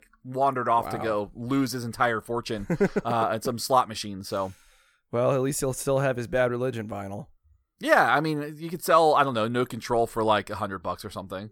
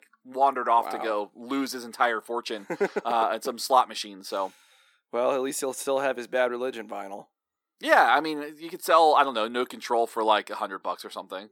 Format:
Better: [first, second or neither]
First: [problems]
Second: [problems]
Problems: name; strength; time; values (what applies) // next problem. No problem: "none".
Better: first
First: none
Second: thin; somewhat; fading below 250 Hz